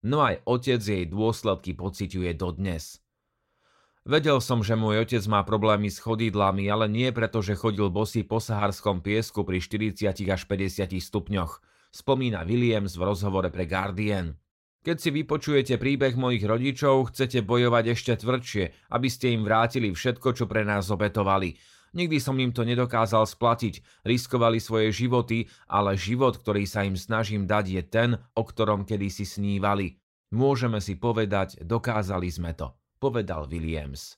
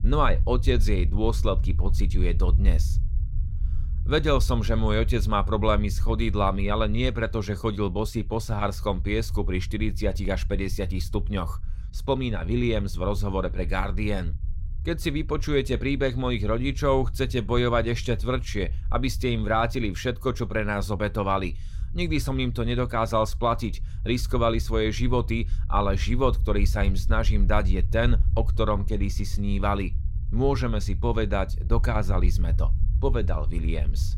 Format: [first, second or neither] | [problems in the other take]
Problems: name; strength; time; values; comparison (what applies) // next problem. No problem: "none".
first | low rumble; faint; throughout; 20 dB below the speech